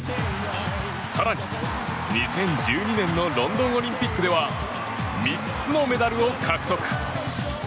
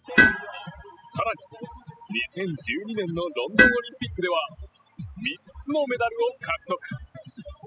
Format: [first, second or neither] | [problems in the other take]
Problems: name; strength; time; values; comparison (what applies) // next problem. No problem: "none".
first | noise reduction (classical method spectral subtraction)